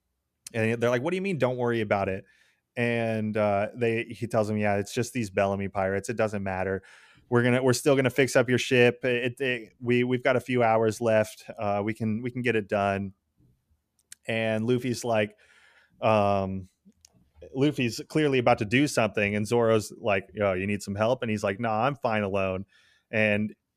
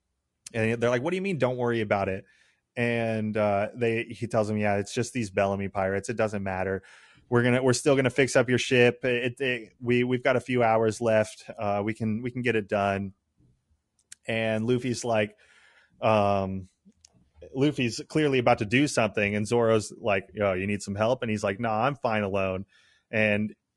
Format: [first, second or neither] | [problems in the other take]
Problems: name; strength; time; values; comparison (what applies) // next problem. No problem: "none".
first | garbled, watery; slightly; nothing above 10.5 kHz